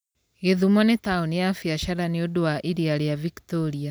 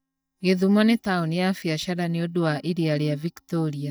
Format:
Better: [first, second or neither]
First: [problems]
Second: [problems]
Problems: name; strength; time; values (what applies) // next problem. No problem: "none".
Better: first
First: none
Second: noise reduction (neural mask model DeepFilterNet 3)